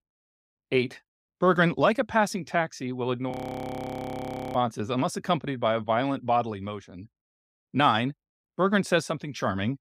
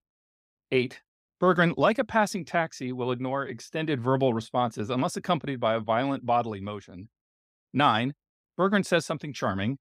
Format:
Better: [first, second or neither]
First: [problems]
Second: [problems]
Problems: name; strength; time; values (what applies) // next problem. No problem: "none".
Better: second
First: audio freezing; at 3.5 s for 1 s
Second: none